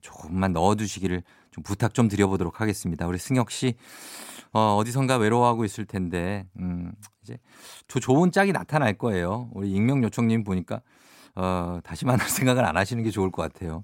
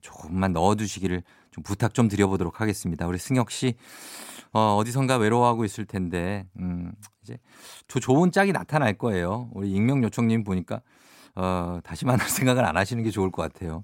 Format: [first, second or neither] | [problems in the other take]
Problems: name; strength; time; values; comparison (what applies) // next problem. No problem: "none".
neither | none